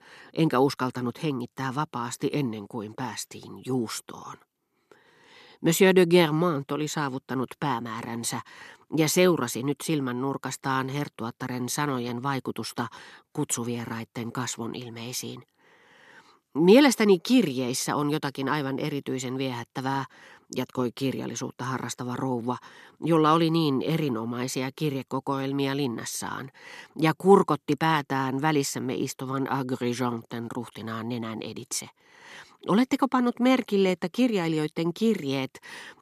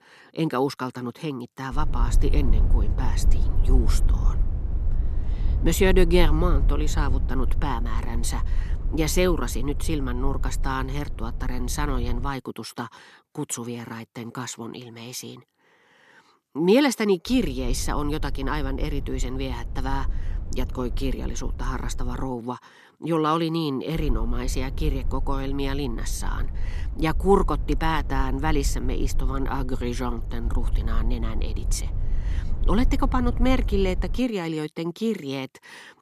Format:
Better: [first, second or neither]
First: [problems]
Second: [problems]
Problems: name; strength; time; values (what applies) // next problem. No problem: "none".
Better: first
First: none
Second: low rumble; noticeable; from 2 to 12 s, from 17 to 22 s and from 24 to 34 s; 15 dB below the speech